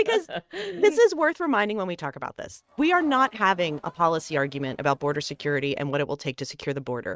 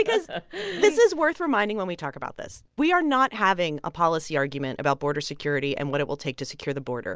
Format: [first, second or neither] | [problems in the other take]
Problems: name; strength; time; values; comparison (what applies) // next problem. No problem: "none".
second | noise reduction (neural mask model RNNoise)